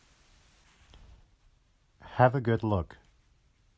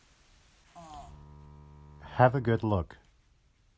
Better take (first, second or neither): first